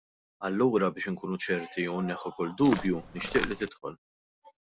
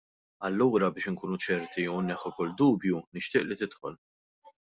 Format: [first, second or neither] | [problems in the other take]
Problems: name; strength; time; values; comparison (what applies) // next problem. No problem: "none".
second | background sound (Walk, footsteps); 6 dB below the speech